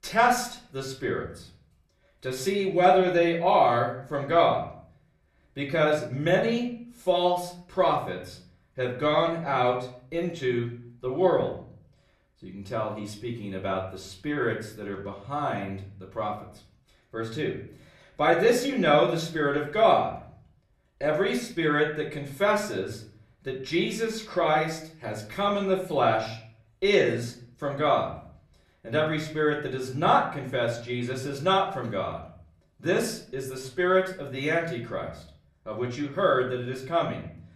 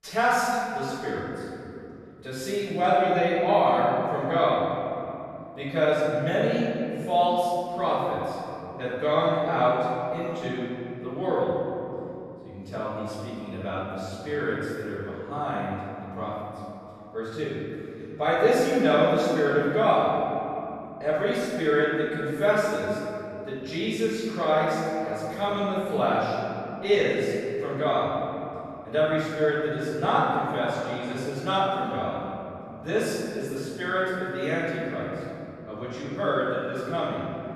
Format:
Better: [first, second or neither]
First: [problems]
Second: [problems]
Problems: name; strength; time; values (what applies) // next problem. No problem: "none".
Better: first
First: room echo; slight; dies away in 0.5 s // off-mic speech; far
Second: room echo; strong; dies away in 2.9 s // off-mic speech; far